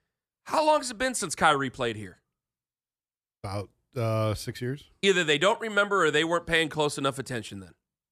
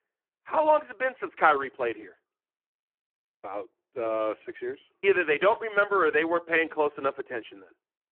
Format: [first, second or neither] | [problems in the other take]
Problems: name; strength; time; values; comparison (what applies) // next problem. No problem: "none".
first | phone-call audio; poor line